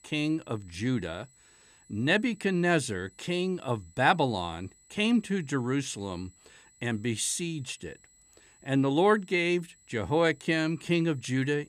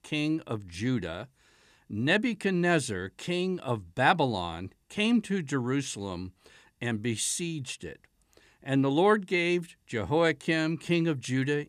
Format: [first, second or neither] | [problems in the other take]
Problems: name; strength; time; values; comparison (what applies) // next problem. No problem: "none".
second | high-pitched whine; faint; throughout; 8 kHz, 30 dB below the speech